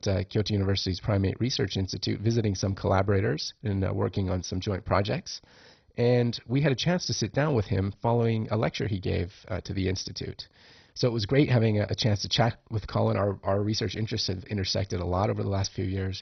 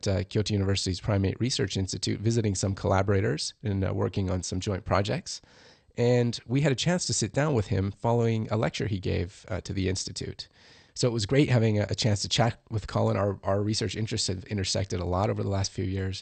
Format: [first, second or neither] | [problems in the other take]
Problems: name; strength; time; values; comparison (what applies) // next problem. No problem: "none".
second | garbled, watery; badly; nothing above 6 kHz; slightly in the second